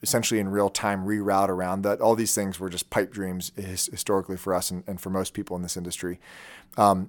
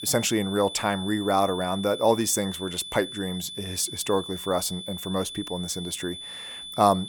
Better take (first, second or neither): first